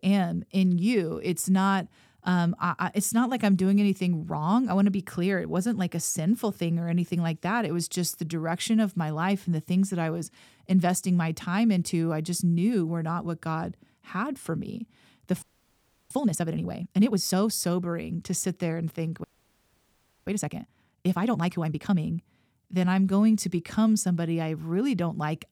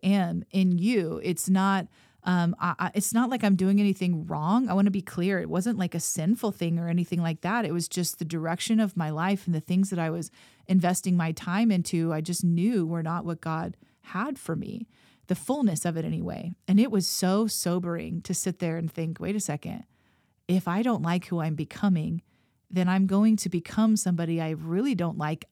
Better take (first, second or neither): second